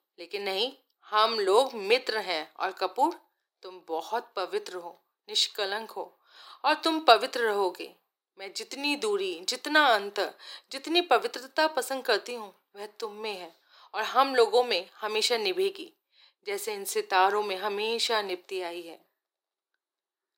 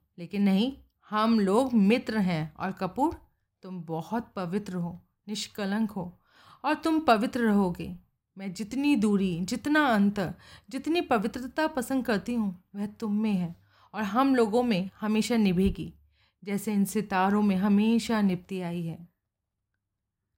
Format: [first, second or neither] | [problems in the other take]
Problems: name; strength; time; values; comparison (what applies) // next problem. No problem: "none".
second | thin; very; fading below 350 Hz